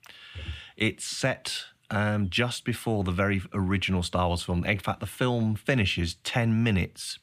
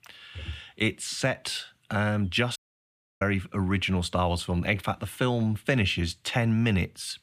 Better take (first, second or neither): first